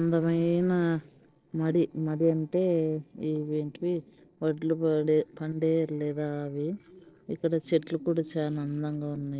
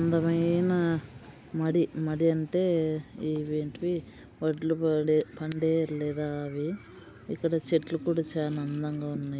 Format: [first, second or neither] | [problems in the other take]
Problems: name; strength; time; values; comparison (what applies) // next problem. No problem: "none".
second | noise reduction (neural separator model SepFormer DNS4)